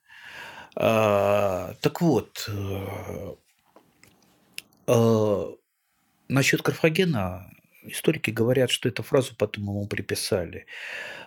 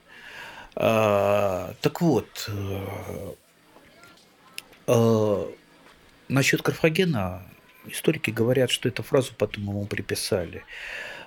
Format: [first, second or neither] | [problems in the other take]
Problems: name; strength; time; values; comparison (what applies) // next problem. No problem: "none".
first | hiss; faint; throughout; 30 dB below the speech